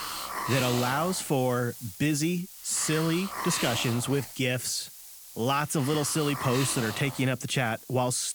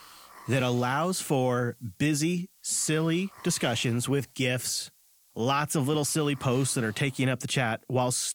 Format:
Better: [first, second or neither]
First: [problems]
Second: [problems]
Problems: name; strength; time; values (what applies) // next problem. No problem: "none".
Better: second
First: hiss; loud; throughout; 8 dB below the speech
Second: hiss; faint; throughout; 25 dB below the speech